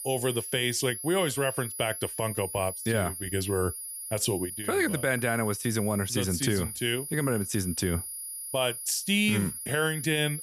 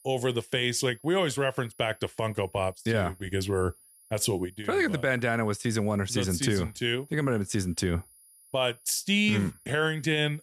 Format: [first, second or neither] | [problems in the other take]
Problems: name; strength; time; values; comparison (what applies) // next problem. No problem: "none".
second | high-pitched whine; loud; throughout; 10.5 kHz, 7 dB below the speech; faint in the second